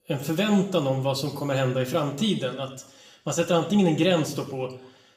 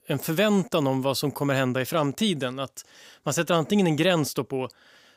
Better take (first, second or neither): second